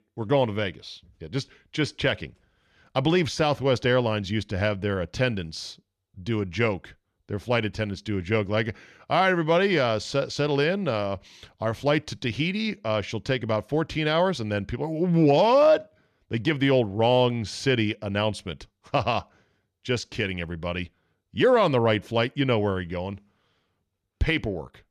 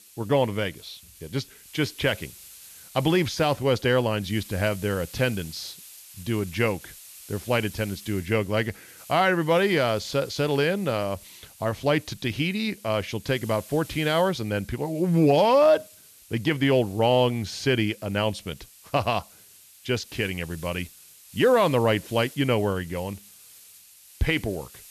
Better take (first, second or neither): first